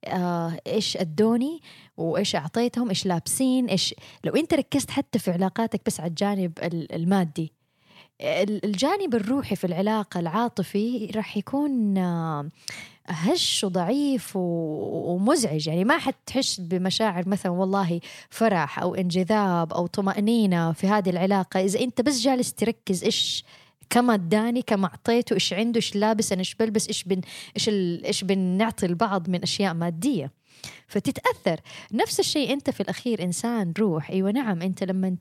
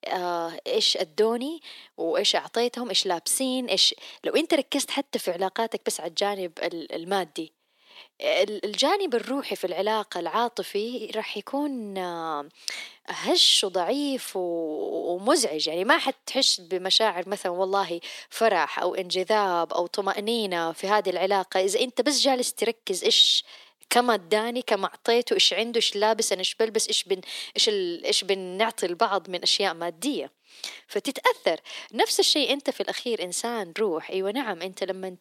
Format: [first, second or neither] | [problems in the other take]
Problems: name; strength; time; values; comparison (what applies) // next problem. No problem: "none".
first | thin; somewhat; fading below 300 Hz